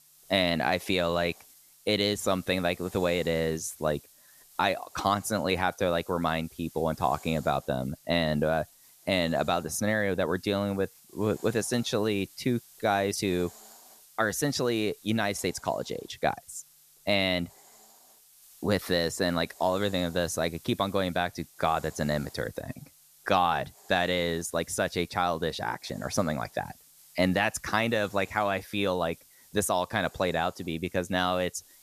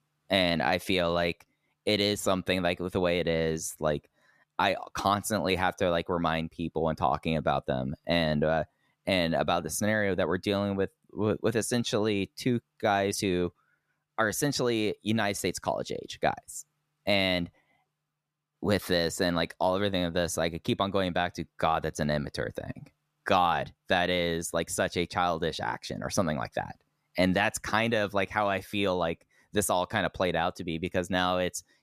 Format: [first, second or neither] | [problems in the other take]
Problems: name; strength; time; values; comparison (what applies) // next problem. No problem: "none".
second | hiss; faint; throughout; 25 dB below the speech